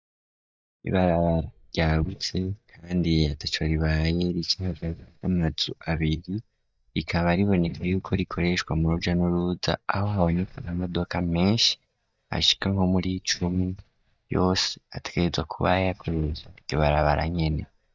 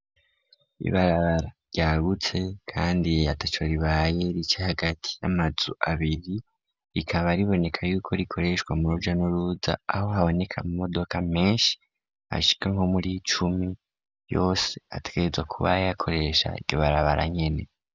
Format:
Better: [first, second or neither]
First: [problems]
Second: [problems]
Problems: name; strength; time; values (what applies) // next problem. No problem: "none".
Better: second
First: noise reduction (neural mask model DeepFilterNet 3)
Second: none